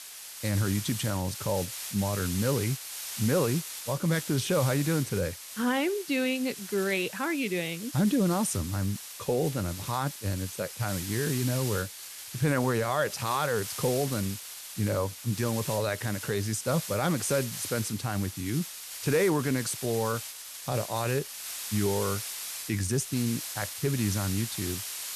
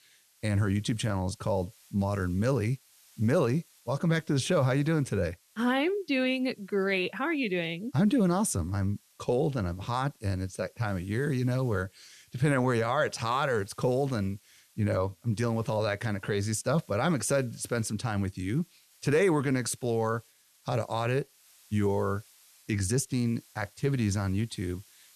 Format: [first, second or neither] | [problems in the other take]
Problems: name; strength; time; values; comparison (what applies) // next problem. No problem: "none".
second | hiss; loud; throughout; 7 dB below the speech; faint in the second